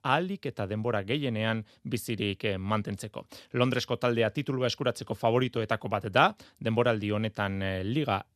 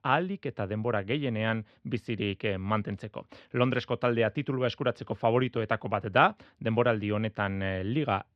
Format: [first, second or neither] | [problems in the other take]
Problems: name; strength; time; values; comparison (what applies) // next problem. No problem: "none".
first | muffled; slightly; fading above 2.5 kHz